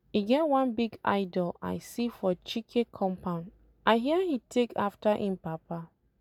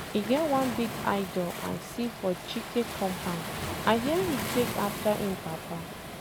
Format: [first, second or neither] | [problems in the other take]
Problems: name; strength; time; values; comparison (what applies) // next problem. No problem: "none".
first | background sound (Waves, surf); 6 dB below the speech